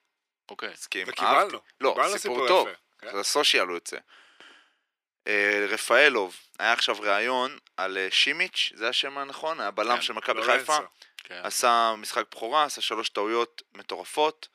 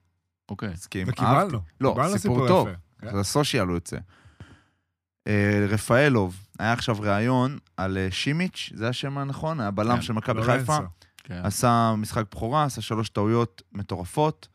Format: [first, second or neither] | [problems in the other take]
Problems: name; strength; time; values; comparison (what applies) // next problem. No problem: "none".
second | thin; very; fading below 400 Hz